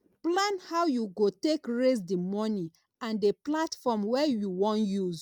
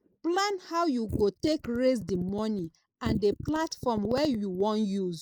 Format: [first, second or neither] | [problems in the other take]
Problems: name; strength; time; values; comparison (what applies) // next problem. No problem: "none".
first | noise reduction (neural mask model Resemble Enhance denoiser)